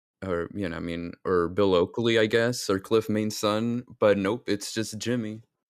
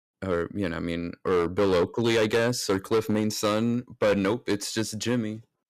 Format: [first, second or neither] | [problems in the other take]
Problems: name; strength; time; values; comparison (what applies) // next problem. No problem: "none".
first | distortion; slight; 8% of the sound clipped